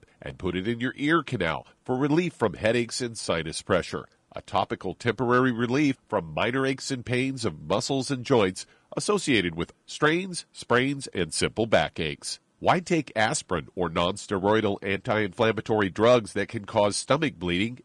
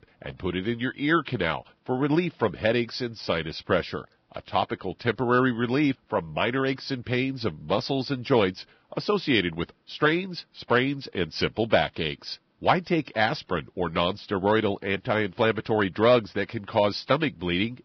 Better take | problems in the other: first | garbled, watery; badly; nothing above 5.5 kHz; slightly in the first

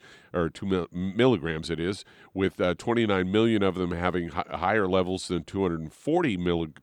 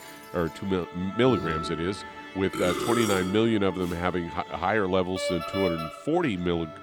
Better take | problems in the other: first | background music; loud; throughout; 7 dB below the speech

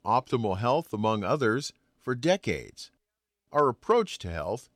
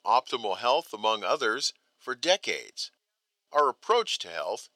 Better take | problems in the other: first | thin; very; fading below 600 Hz

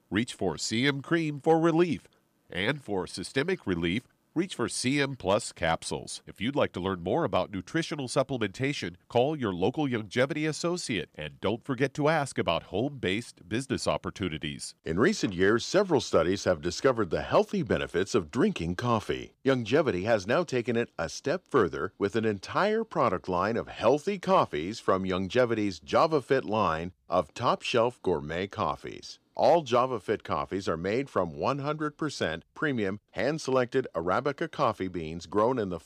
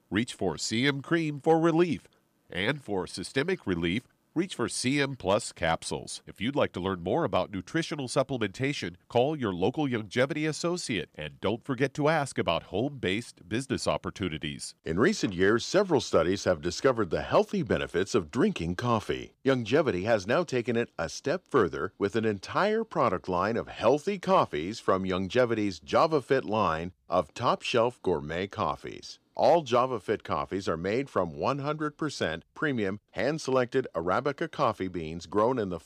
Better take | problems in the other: neither | none

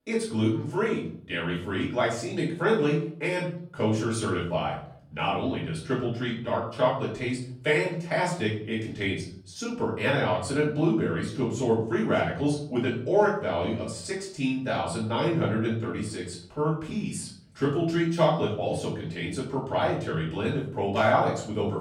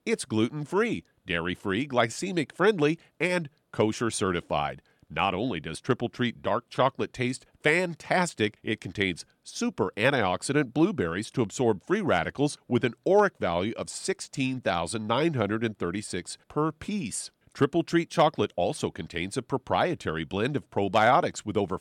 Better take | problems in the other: second | off-mic speech; far // room echo; noticeable; dies away in 0.6 s

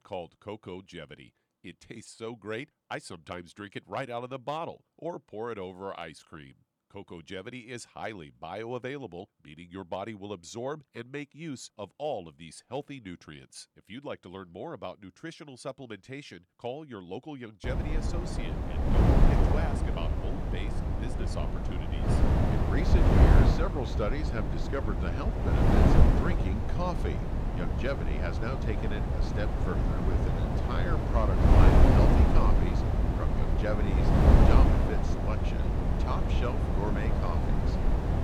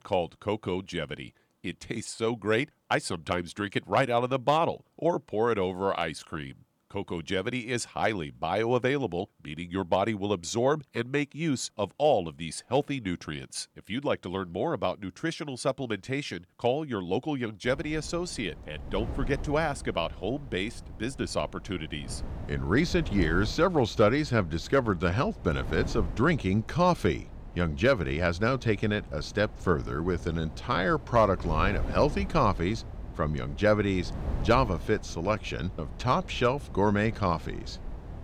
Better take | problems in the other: second | wind noise on the microphone; heavy; from 18 s on; 4 dB above the speech; occasional gusts in the second

